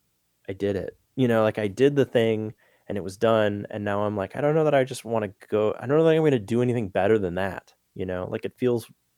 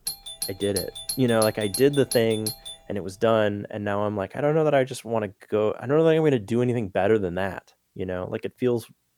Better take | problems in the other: first | doorbell; noticeable; until 2.5 s; peak 5 dB below the speech

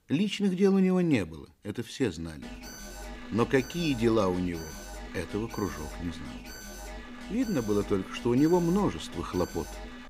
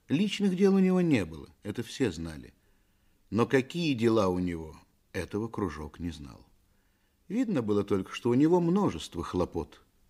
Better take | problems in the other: second | alarm; faint; from 2.5 s on; peak 15 dB below the speech

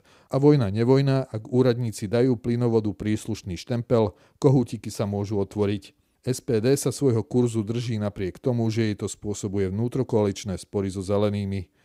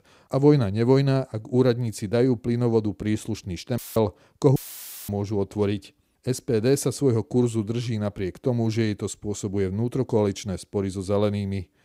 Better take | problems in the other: first | audio cutting out; filled with static; at 4 s and at 4.5 s for 0.5 s

